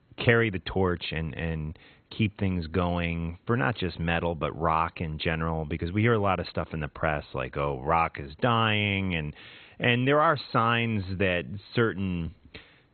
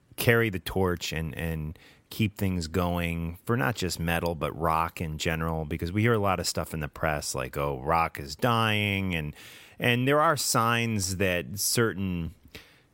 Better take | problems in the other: second | garbled, watery; badly; nothing above 4 kHz

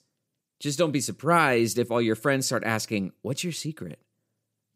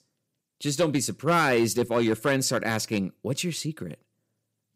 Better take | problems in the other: first | distortion; slight; 3% of the sound clipped

